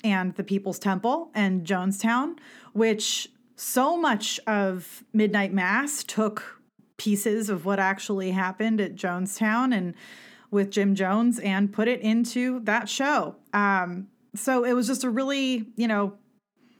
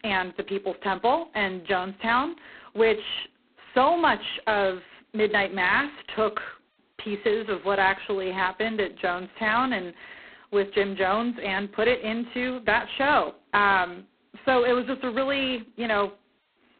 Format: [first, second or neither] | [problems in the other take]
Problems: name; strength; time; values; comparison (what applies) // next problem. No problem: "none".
first | phone-call audio; poor line; nothing above 4 kHz